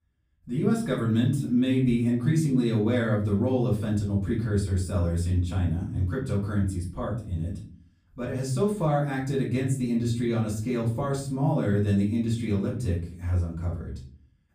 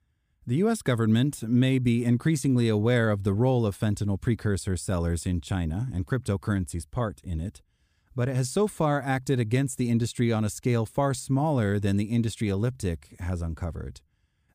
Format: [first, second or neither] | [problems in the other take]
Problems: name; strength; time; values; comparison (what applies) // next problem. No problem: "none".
second | off-mic speech; far // room echo; slight; dies away in 0.5 s